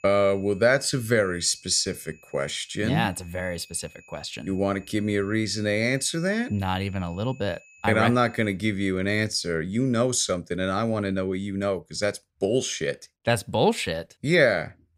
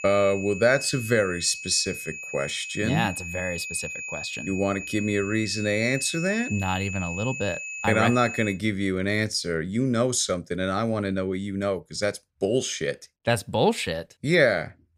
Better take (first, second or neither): first